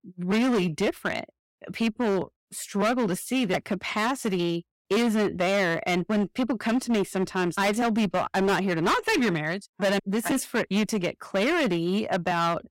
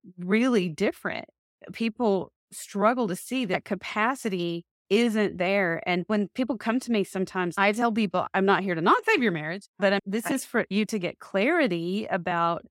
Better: second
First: distortion; heavy; 14% of the sound clipped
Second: none

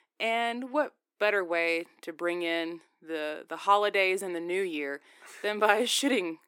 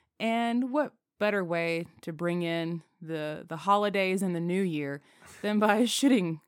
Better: second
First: thin; somewhat; fading below 350 Hz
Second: none

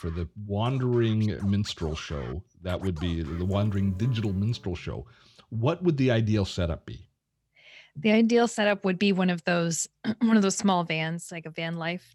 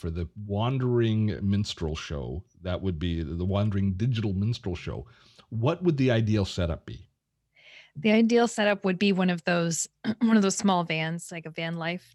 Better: second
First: background music; very faint; until 4.5 s; 20 dB below the speech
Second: none

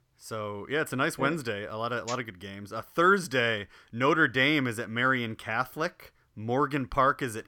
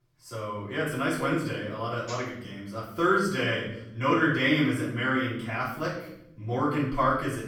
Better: first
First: none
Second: off-mic speech; far // room echo; noticeable; dies away in 0.8 s

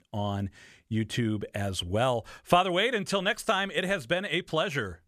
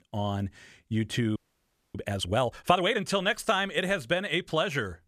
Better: first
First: none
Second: audio freezing; at 1.5 s for 0.5 s

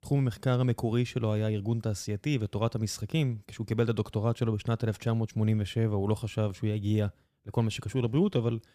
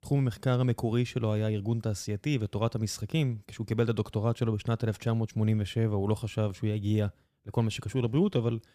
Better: neither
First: none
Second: none

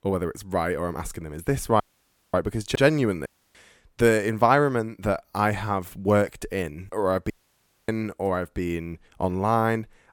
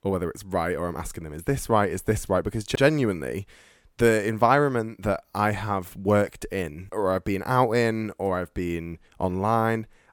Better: second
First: audio cutting out; at 2 s for 0.5 s, at 3.5 s and at 7.5 s for 0.5 s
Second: none

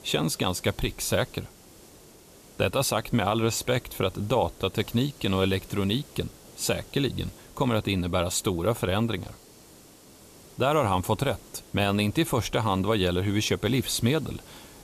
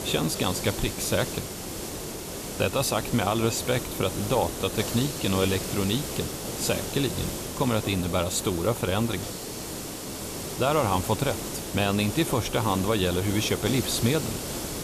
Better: first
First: hiss; faint; throughout; 20 dB below the speech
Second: hiss; loud; throughout; 6 dB below the speech

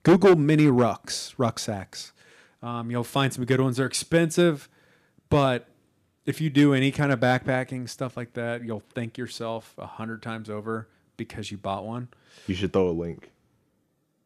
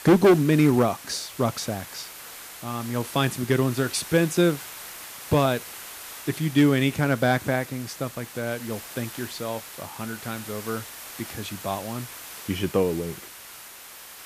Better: first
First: none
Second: hiss; noticeable; throughout; 15 dB below the speech

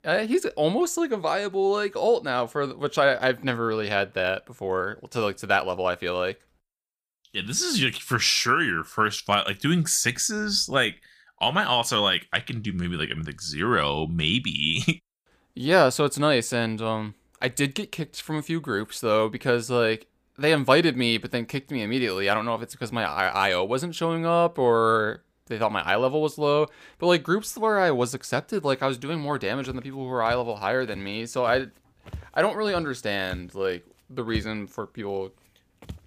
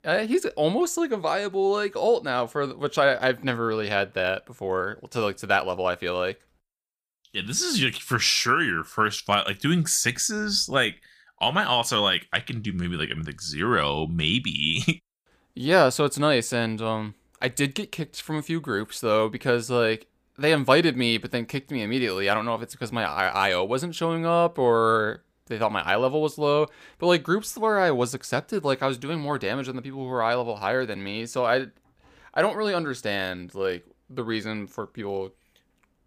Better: second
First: footsteps; faint; from 30 s on; peak 10 dB below the speech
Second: none

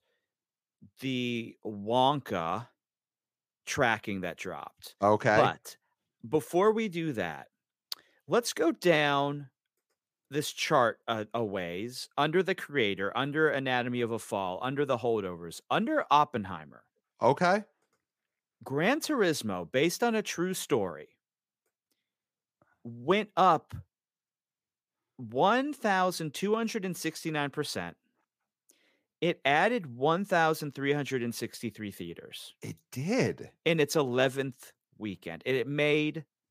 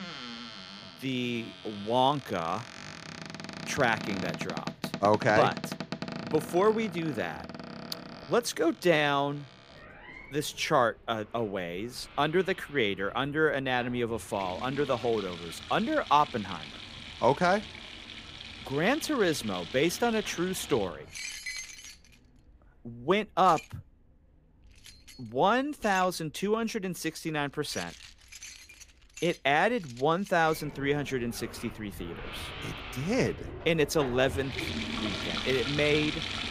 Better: first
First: none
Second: household noises; noticeable; throughout; 10 dB below the speech

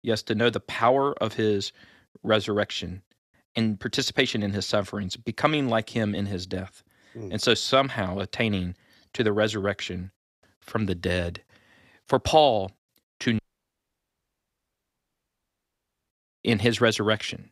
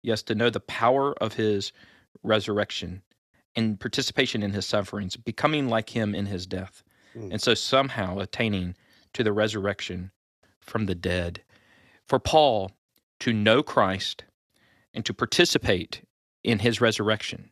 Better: second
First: audio cutting out; at 13 s for 2.5 s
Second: none

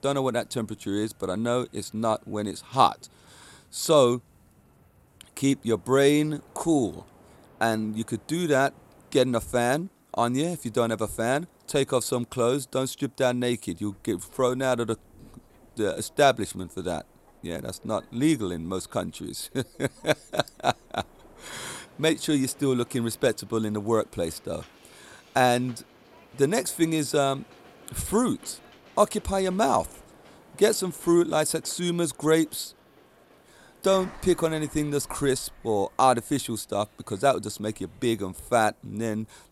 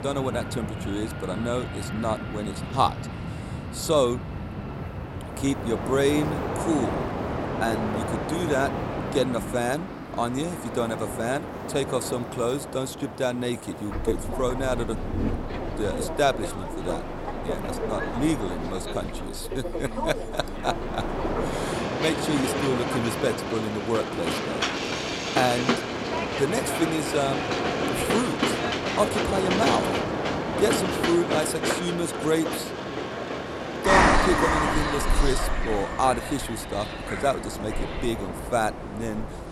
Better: first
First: train or aircraft noise; faint; throughout; 30 dB below the speech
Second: train or aircraft noise; loud; throughout; 1 dB below the speech

